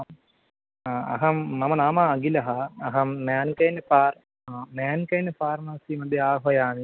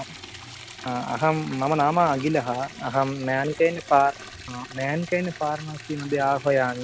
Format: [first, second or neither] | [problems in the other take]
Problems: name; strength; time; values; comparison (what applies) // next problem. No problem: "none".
first | background sound (Liquid); 16 dB below the speech